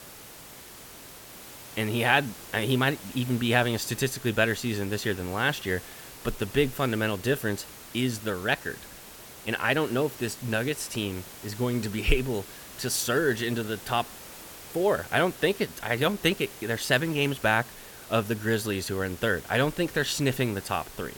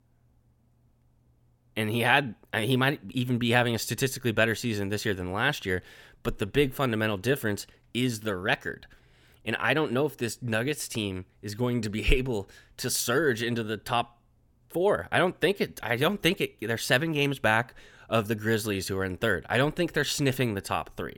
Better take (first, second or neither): second